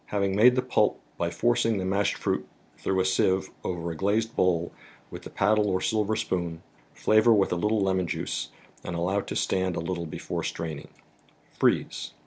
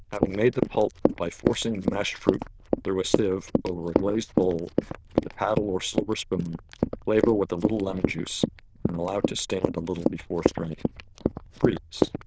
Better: first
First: none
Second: noise reduction (neural diffusion model UNIVERSE++)

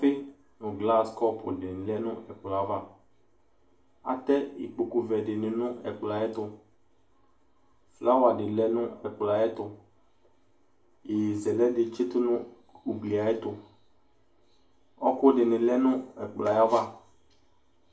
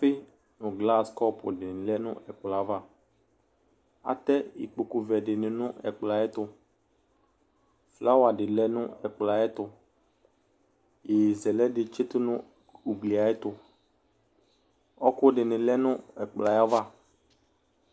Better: second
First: room echo; dies away in 0.3 s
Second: none

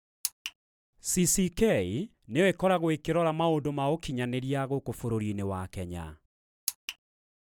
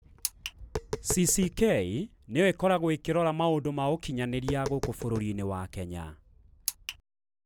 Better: first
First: none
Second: background sound (Tap); 13 dB below the speech

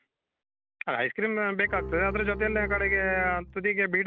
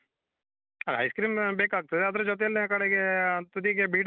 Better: second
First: background sound (Bowed string instrument); 8 dB below the speech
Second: none

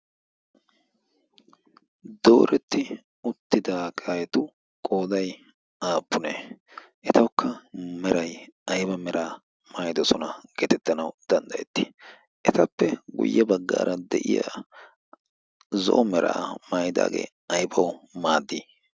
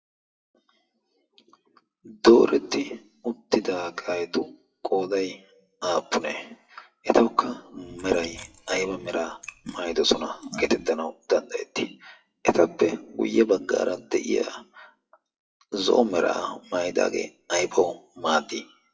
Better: first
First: none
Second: noise reduction (classical method WPE with log-MMSE)

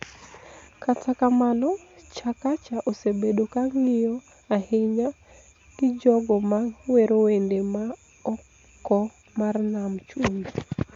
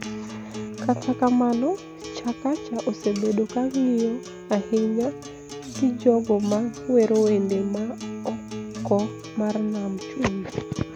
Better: first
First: none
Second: background sound (Acoustic guitar); 11 dB below the speech

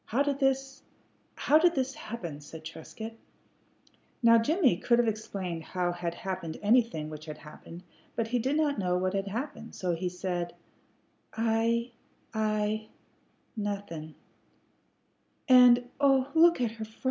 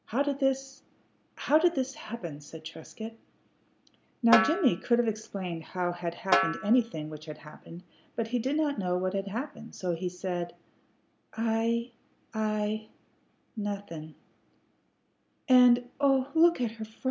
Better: first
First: none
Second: background sound (Snare drum); 4 dB below the speech

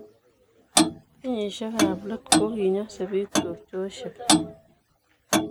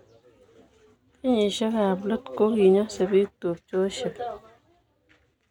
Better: second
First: background sound (Clock); 4 dB above the speech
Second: none

